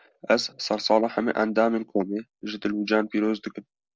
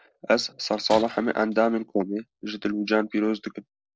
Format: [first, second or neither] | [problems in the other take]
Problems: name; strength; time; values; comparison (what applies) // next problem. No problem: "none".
first | noise reduction (neural separator model SepFormer DNS4)